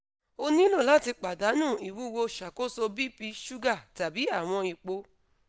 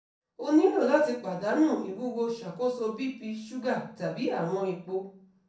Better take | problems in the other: first | room echo; dies away in 0.6 s

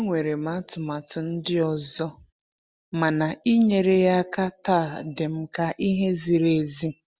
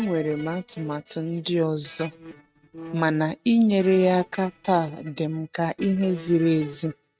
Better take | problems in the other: first | noise reduction (neural mask model RNNoise)

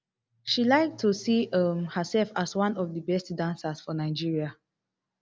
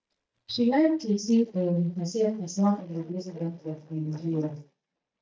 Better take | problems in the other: first | noise reduction (neural mask model DeepFilterNet 3)

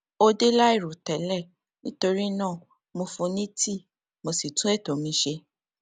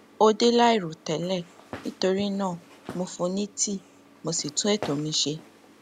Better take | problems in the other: first | background sound (Walk, footsteps); 19 dB below the speech

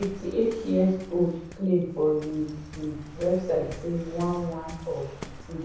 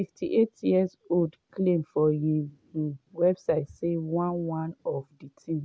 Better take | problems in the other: second | background sound (Waves, surf); 16 dB below the speech // room echo; dies away in 0.7 s

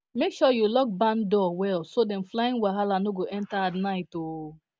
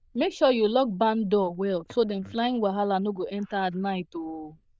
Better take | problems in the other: first | noise reduction (neural diffusion model UNIVERSE++)

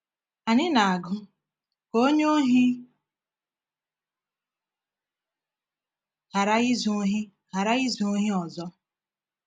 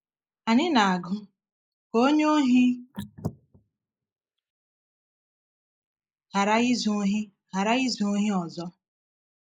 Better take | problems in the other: first | noise reduction (neural mask model Resemble Enhance denoiser)

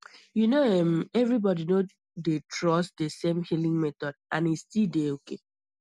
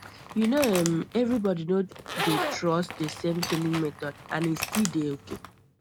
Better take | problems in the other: first | background sound (Zipper (clothing)); 8 dB below the speech

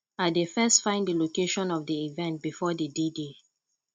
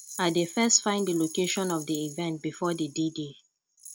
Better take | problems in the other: first | background sound (Rattle); 17 dB below the speech

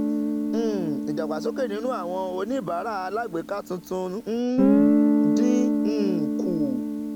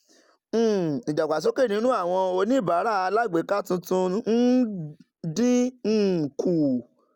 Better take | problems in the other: second | background sound (Guitar); 4 dB above the speech

